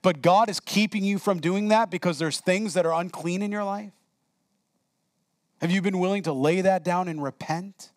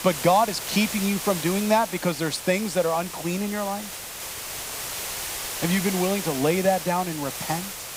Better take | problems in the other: first | hiss; loud; throughout; 6 dB below the speech

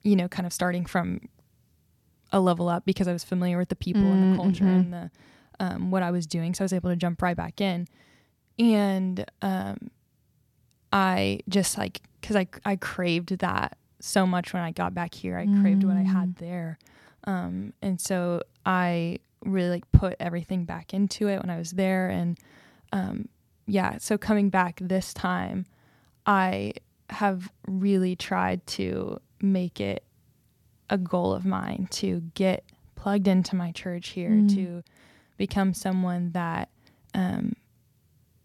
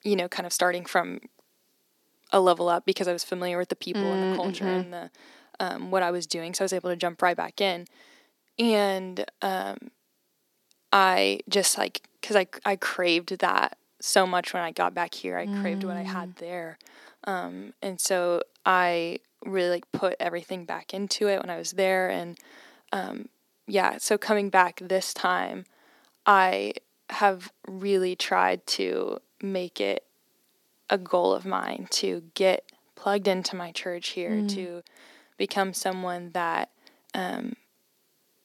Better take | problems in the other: first | thin; somewhat; fading below 300 Hz

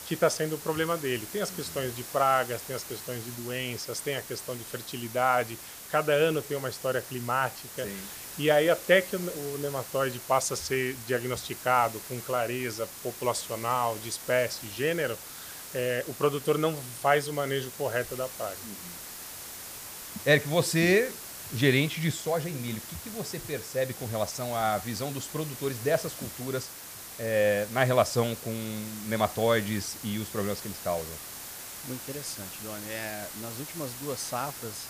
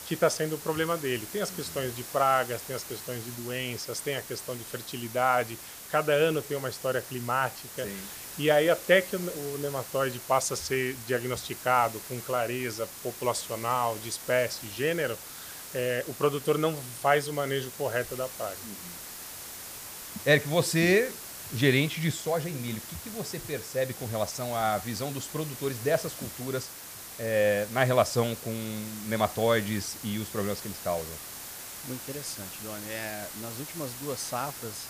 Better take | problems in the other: neither | hiss; noticeable; throughout; 10 dB below the speech; the same in both

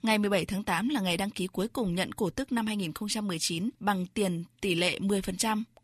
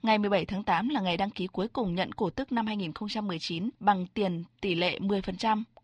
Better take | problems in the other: first | muffled; slightly; fading above 4.5 kHz

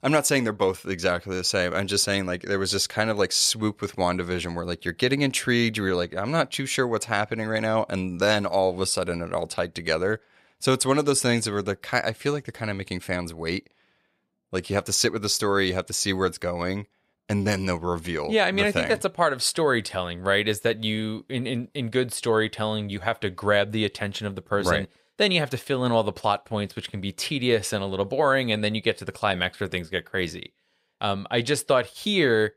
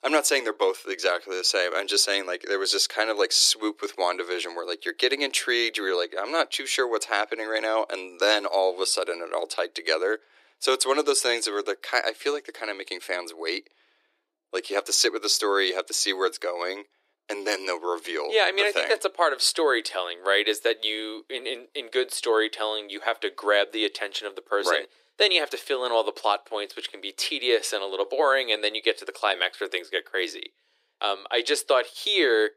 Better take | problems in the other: first | thin; very; fading below 300 Hz

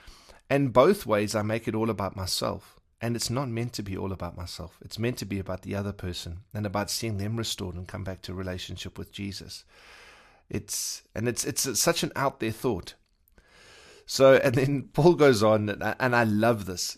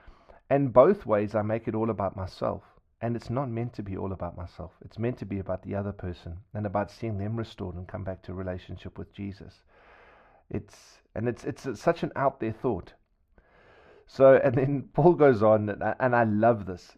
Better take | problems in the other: first | muffled; very; fading above 3.5 kHz

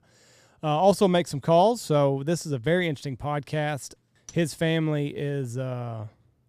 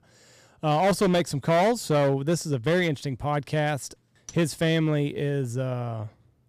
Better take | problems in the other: first | distortion; slight; 7% of the sound clipped

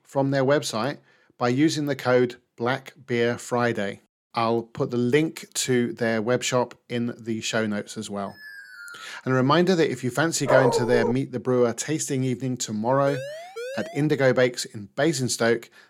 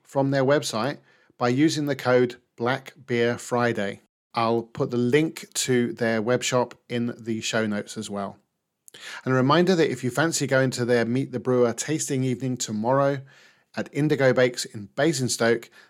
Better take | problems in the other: second | alarm; faint; at 8.5 s; peak 15 dB below the speech // dog barking; loud; at 10 s; peak 3 dB above the speech // siren; noticeable; at 13 s; peak 10 dB below the speech

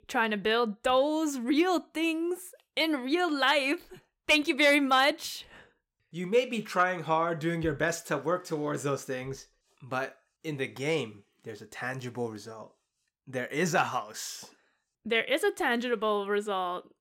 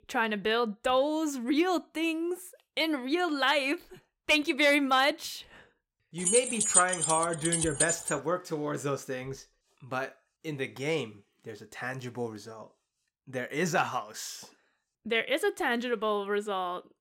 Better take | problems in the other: first | jangling keys; loud; from 6.5 to 8 s; peak 6 dB above the speech

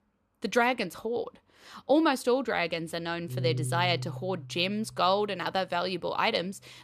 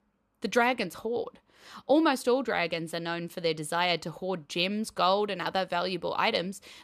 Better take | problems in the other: second | background music; loud; throughout; 8 dB below the speech

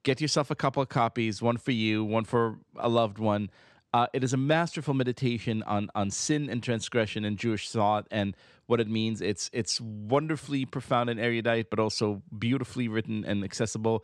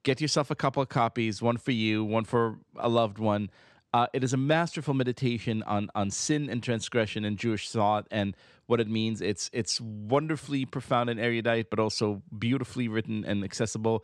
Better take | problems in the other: neither | none

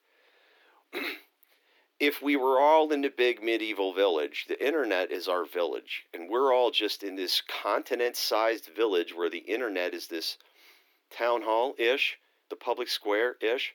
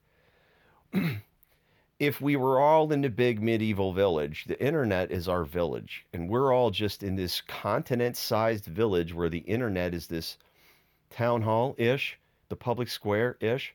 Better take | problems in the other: second | thin; somewhat; fading below 300 Hz

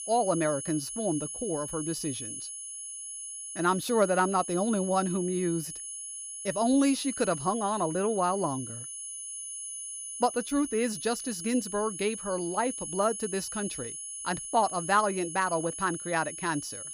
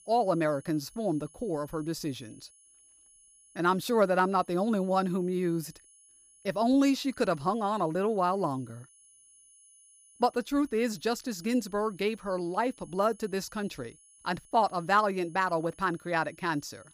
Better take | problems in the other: second | high-pitched whine; loud; throughout; 10 kHz, 7 dB below the speech; faint in the second

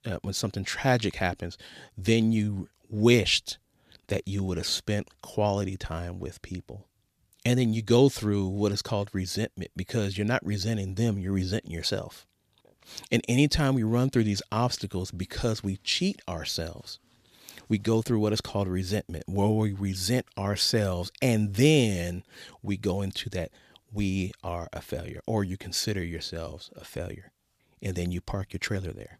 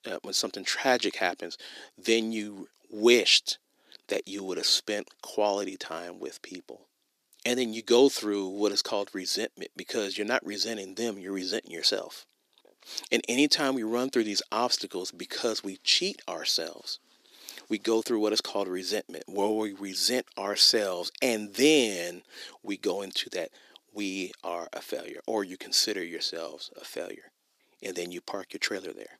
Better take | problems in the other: first | thin; somewhat; fading below 300 Hz

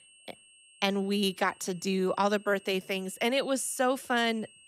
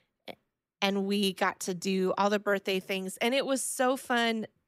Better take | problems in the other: second | high-pitched whine; faint; throughout; 3 kHz, 25 dB below the speech

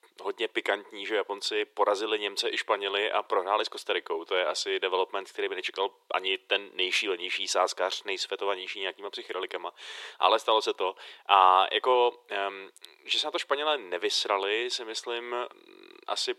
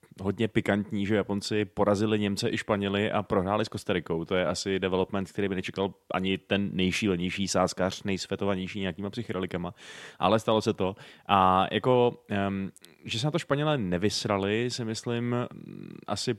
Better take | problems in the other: second | thin; very; fading below 350 Hz

